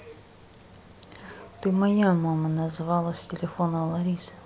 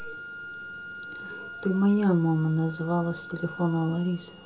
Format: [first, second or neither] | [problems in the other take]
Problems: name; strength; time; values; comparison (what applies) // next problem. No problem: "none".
first | background sound (Wind instrument, woodwind instrument); 14 dB below the speech // room echo; dies away in 0.2 s